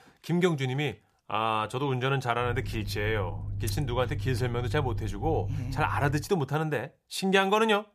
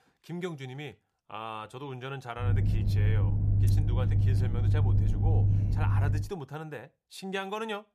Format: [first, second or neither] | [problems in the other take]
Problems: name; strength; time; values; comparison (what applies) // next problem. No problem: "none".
first | low rumble; loud; from 2.5 to 6 s; 2 dB below the speech; faint in the first